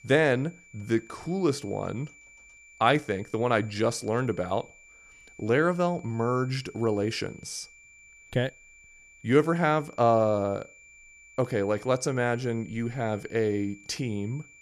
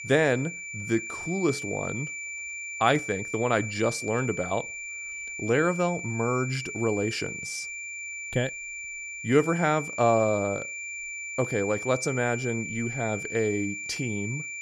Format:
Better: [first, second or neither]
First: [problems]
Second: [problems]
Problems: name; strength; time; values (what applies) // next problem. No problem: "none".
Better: first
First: high-pitched whine; faint; throughout; 2.5 kHz, 25 dB below the speech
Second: high-pitched whine; loud; throughout; 2.5 kHz, 6 dB below the speech